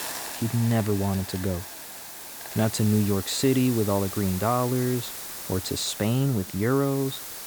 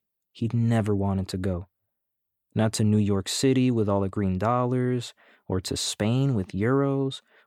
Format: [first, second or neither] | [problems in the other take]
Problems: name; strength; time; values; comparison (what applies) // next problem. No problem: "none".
second | hiss; loud; throughout; 9 dB below the speech